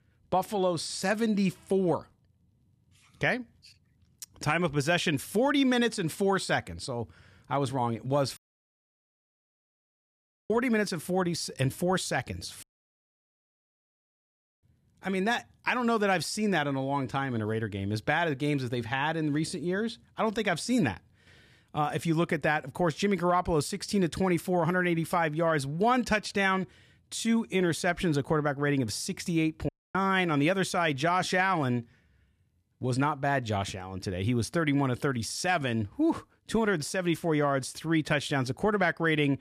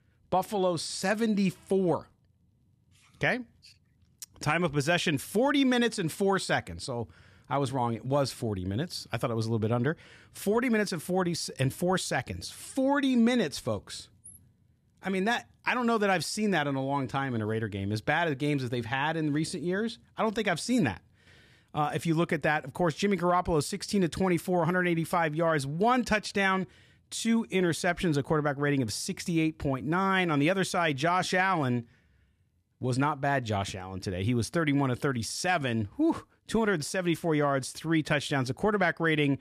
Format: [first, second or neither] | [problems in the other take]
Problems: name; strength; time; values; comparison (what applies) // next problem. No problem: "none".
second | audio cutting out; at 8.5 s for 2 s, at 13 s for 2 s and at 30 s